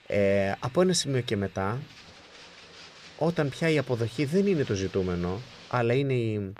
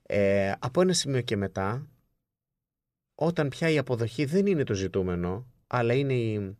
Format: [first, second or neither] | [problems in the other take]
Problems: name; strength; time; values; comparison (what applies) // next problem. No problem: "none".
second | household noises; faint; throughout; 20 dB below the speech